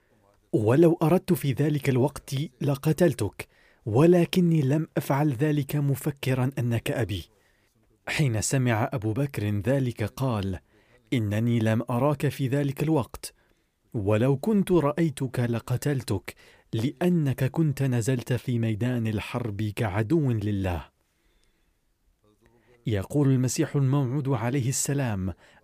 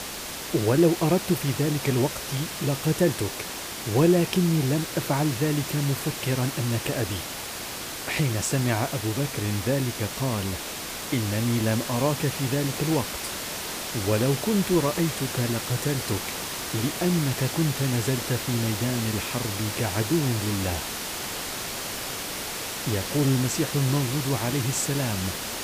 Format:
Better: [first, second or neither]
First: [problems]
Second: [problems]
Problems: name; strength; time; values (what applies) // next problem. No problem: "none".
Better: first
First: none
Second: hiss; loud; throughout; 5 dB below the speech